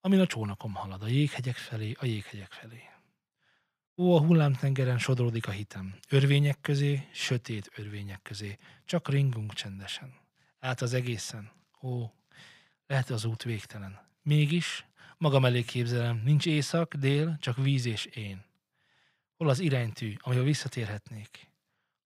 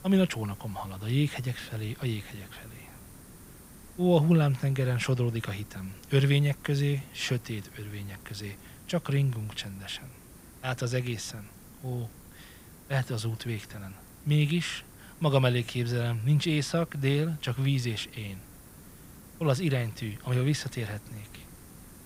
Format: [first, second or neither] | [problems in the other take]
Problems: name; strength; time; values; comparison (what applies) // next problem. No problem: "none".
first | hiss; faint; throughout; 20 dB below the speech